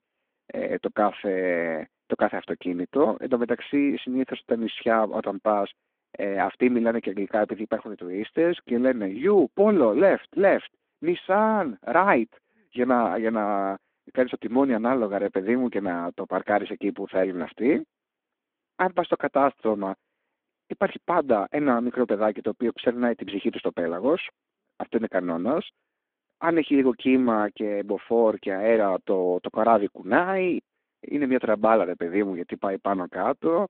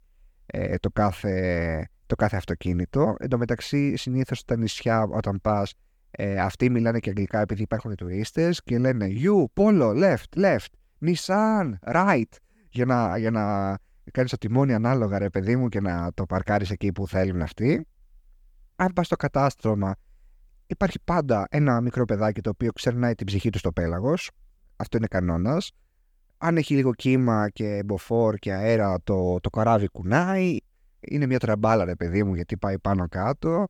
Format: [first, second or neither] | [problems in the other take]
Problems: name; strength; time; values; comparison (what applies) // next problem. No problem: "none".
second | phone-call audio